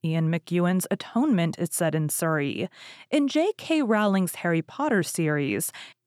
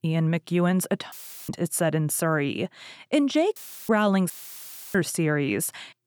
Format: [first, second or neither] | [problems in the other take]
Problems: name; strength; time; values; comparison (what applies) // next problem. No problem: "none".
first | audio cutting out; filled with static; at 1 s, at 3.5 s and at 4.5 s for 0.5 s